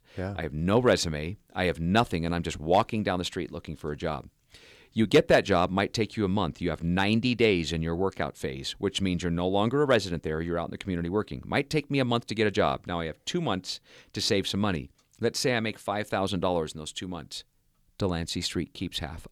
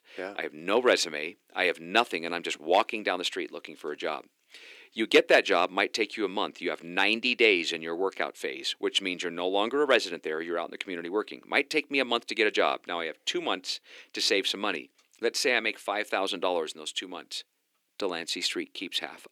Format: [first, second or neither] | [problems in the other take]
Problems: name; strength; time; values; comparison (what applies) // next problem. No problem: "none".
first | thin; somewhat; fading below 300 Hz